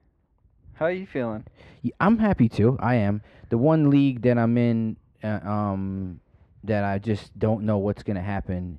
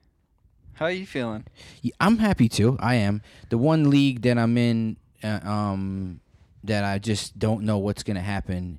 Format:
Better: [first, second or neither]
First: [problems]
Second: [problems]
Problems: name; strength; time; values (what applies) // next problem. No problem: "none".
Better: second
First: muffled; very; fading above 3.5 kHz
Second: none